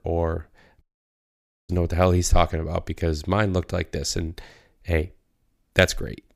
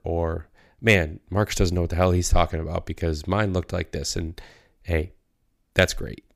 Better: second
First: audio cutting out; at 1 s for 1 s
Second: none

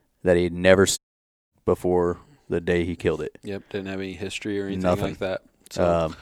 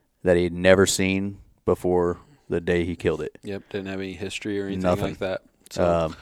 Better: second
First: audio cutting out; at 1 s for 0.5 s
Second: none

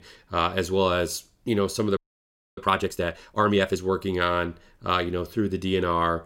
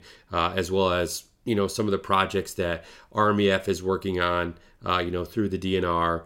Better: second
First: audio freezing; at 2 s for 0.5 s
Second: none

